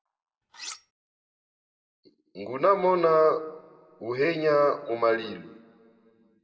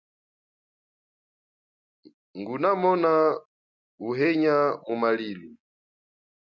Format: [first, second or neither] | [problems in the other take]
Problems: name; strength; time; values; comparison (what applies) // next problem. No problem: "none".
second | background sound (Cutlery, silverware); 14 dB below the speech // room echo; dies away in 1 s